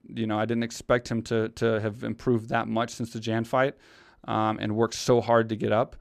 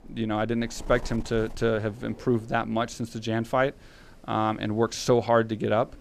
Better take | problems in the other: first | wind noise on the microphone; occasional gusts; 25 dB below the speech

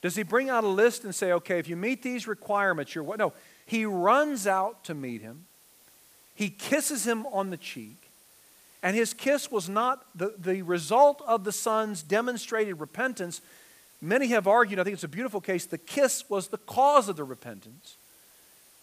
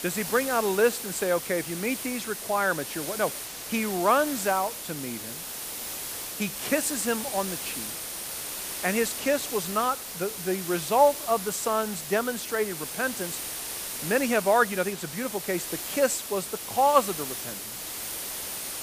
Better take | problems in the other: first | hiss; loud; throughout; 6 dB below the speech; faint in the first

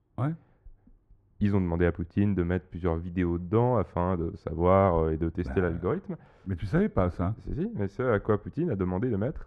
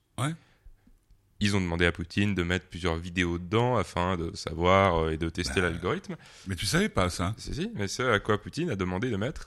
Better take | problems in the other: second | muffled; very; fading above 2.5 kHz

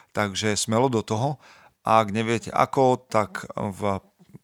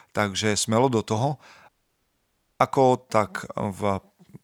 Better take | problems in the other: first | audio cutting out; at 1.5 s for 1 s

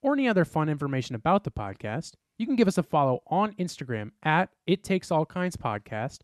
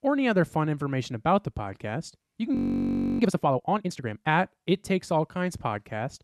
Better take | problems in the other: first | audio freezing; at 2.5 s for 0.5 s

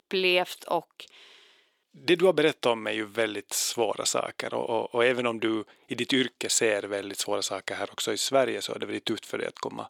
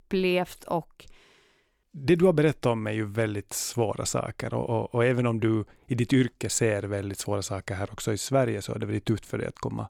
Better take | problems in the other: second | thin; somewhat; fading below 350 Hz

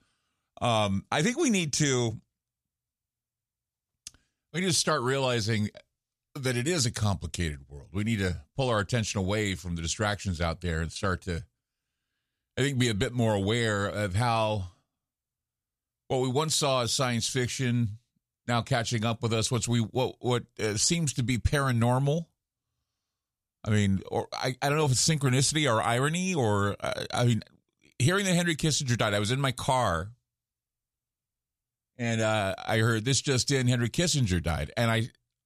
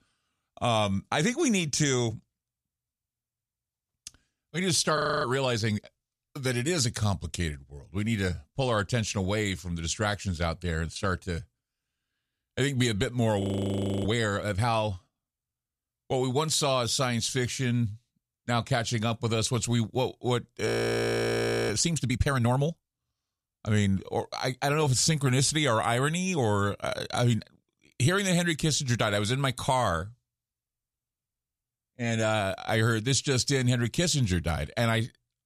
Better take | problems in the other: first | audio freezing; at 5 s, at 13 s for 0.5 s and at 21 s for 1 s

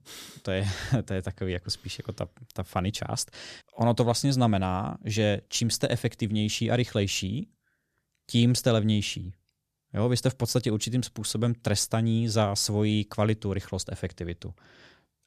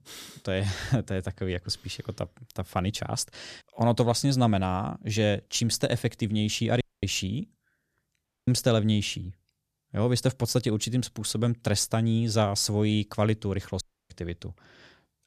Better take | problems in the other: first | audio cutting out; at 7 s, at 8.5 s and at 14 s

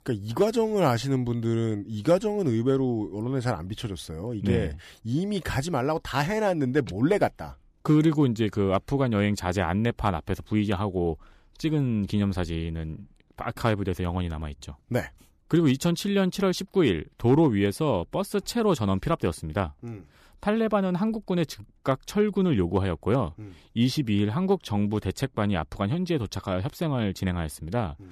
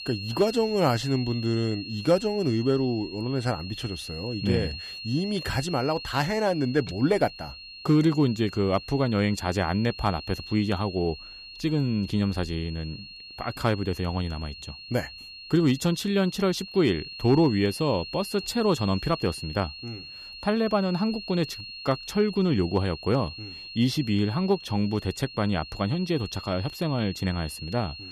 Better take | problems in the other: first | high-pitched whine; noticeable; throughout; 4.5 kHz, 10 dB below the speech

